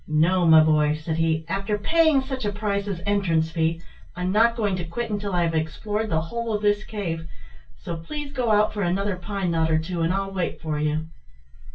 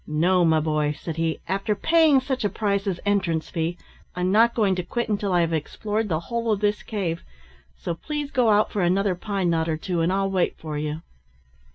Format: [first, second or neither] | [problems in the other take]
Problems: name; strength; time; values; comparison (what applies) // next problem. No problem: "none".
second | room echo; dies away in 0.2 s